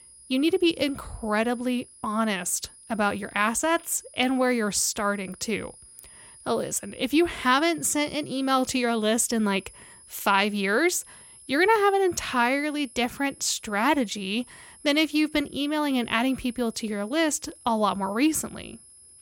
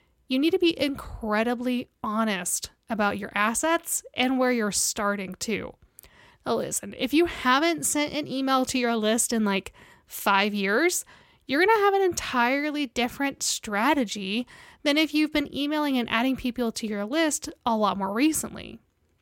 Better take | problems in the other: second | high-pitched whine; faint; throughout; 10.5 kHz, 20 dB below the speech

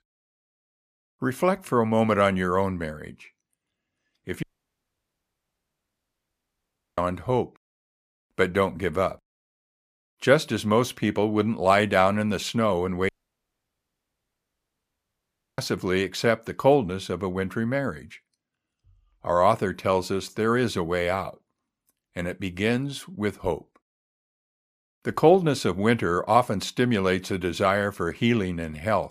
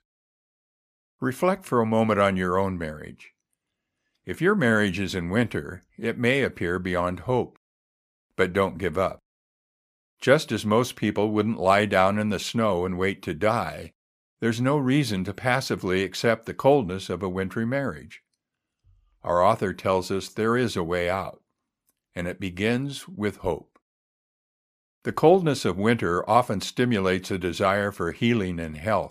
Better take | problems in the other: second | audio cutting out; at 4.5 s for 2.5 s and at 13 s for 2.5 s

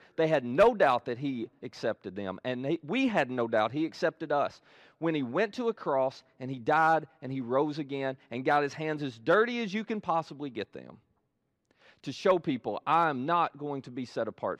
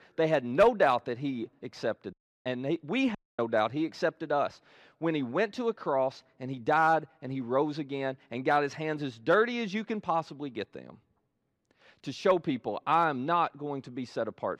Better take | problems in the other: first | audio cutting out; at 2 s and at 3 s

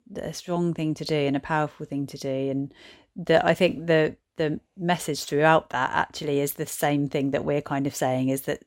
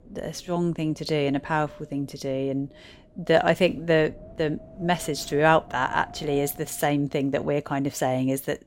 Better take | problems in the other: first | wind noise on the microphone; occasional gusts; 20 dB below the speech

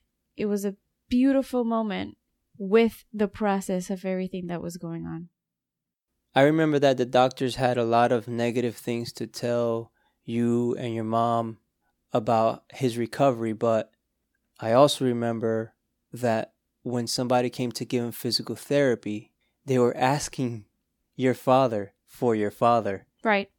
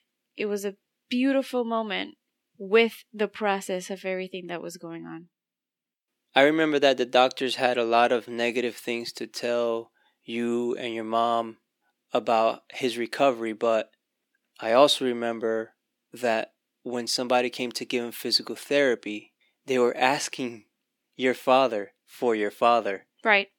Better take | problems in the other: first | thin; very slightly; fading below 300 Hz

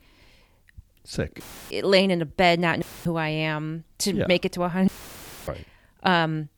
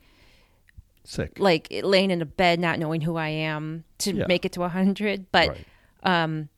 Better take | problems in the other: second | audio cutting out; filled with static; at 1.5 s, at 3 s and at 5 s for 0.5 s

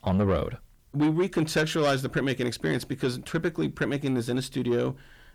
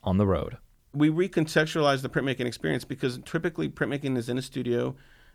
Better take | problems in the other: second | distortion; slight; 10 dB below the speech

